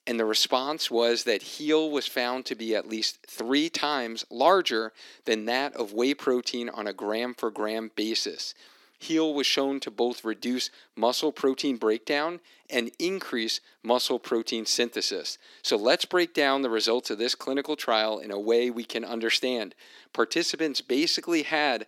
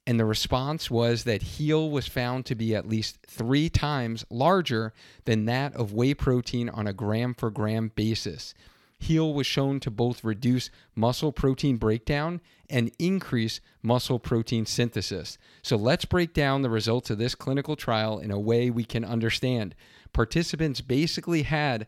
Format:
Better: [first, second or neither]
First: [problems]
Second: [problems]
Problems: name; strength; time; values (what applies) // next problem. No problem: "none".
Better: second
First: thin; somewhat; fading below 300 Hz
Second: none